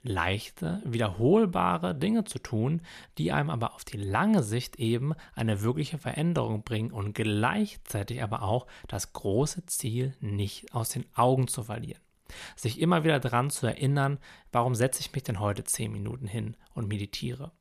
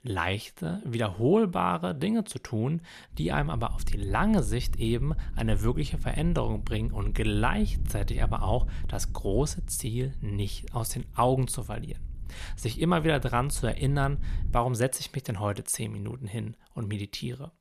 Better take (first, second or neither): first